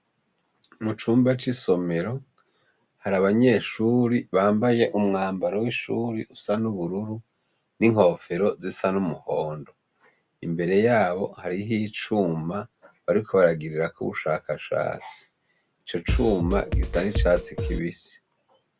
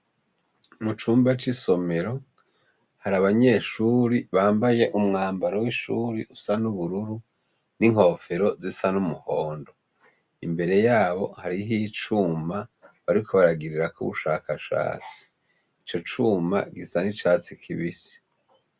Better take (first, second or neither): second